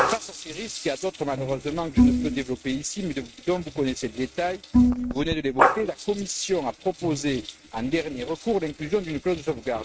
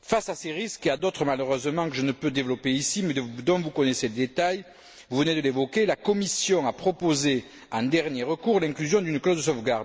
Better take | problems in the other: second | noise reduction (neural mask model RNNoise)

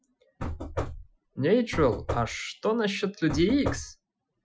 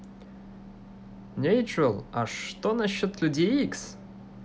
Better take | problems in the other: second | noise reduction (classical method Wiener filter)

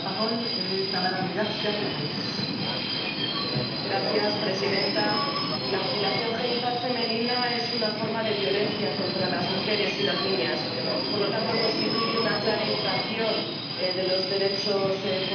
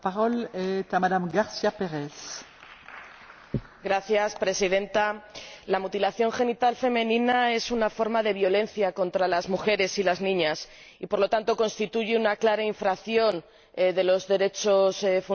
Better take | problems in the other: second | background sound (Subway, metro, underground); as loud as the speech // room echo; dies away in 0.9 s

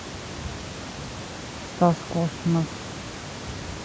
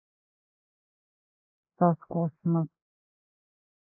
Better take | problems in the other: first | noise reduction (neural mask model Resemble Enhance denoiser)

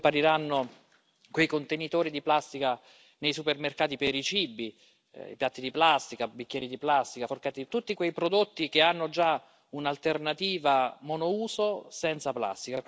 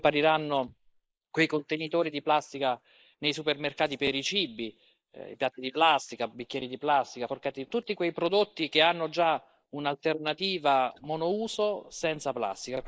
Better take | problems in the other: first | noise reduction (neural mask model Resemble Enhance denoiser)

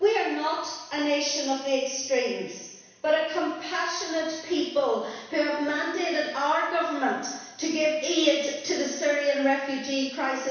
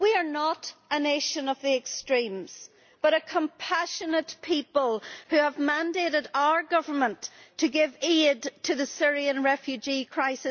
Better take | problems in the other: second | room echo; dies away in 1.1 s

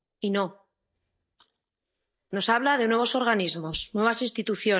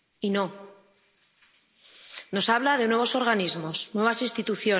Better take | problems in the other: second | noise reduction (neural mask model DeepFilterNet 3)

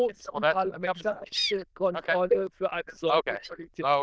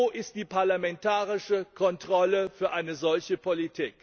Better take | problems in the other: second | noise reduction (neural diffusion model UNIVERSE++)

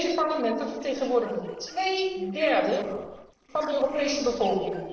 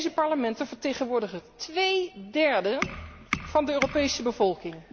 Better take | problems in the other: second | noise reduction (neural separator model SepFormer DNS4)

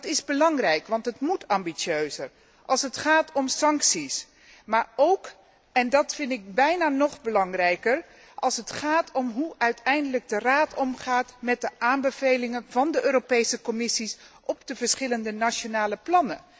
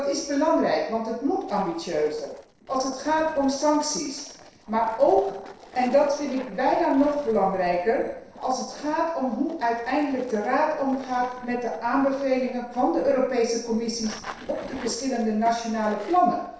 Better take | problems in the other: first | noise reduction (neural separator model SepFormer DNS4)

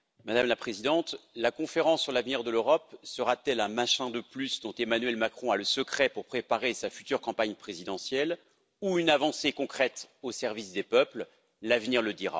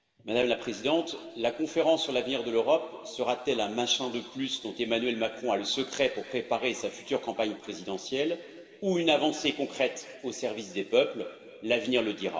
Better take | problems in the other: first | room echo; dies away in 2.3 s

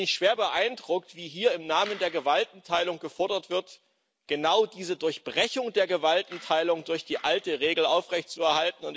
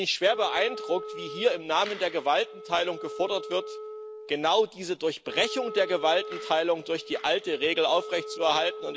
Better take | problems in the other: first | background sound (Wind instrument, woodwind instrument); 12 dB below the speech

